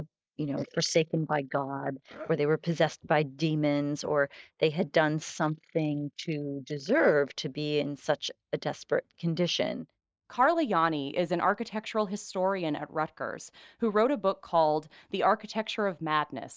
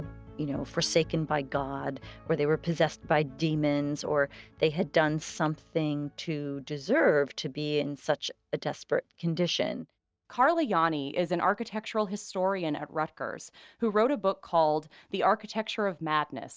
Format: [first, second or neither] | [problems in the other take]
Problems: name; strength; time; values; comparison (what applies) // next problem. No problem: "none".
second | noise reduction (neural mask model Resemble Enhance denoiser)